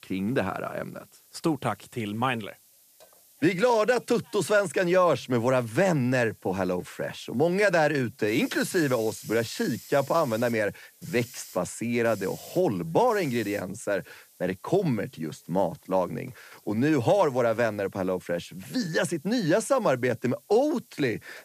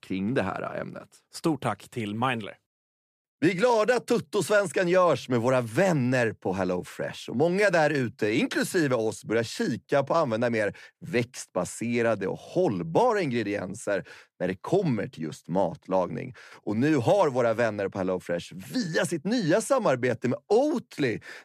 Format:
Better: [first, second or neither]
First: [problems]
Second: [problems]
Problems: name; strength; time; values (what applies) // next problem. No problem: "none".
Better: second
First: hiss; faint; throughout; 25 dB below the speech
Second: none